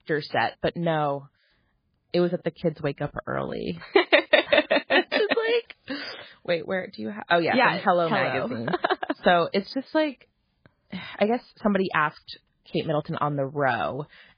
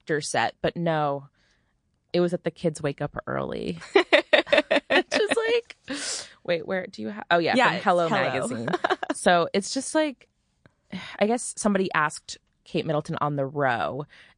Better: second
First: garbled, watery; badly; nothing above 4 kHz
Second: garbled, watery; slightly; nothing above 9 kHz

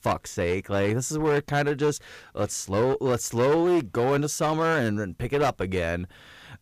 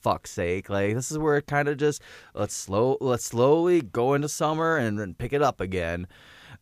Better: second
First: distortion; slight; 10% of the sound clipped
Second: none

